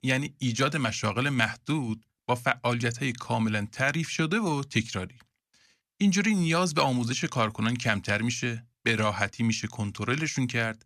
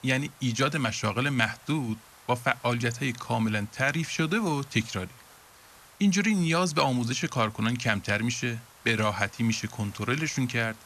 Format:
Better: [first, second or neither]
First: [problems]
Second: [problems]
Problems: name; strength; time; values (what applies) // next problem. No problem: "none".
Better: first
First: none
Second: hiss; faint; throughout; 25 dB below the speech